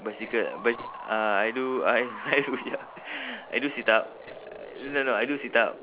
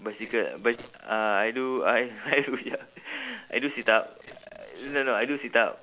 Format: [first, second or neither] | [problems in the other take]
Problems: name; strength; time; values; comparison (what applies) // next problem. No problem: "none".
second | background sound (Musical instrument + Wind); 15 dB below the speech